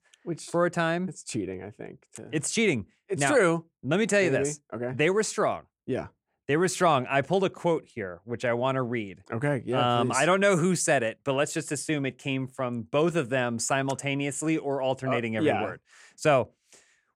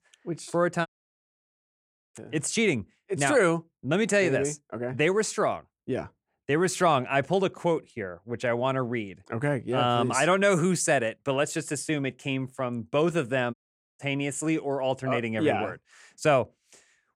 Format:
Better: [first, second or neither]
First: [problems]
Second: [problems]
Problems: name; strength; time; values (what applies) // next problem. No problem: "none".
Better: first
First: none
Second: audio cutting out; at 1 s for 1.5 s and at 14 s